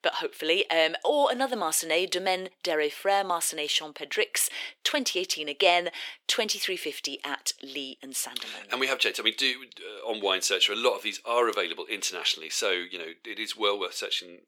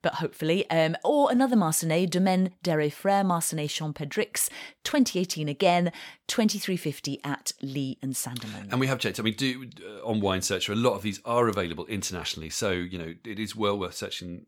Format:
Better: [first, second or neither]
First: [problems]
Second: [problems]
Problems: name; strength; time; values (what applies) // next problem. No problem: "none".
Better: second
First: thin; very; fading below 350 Hz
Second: none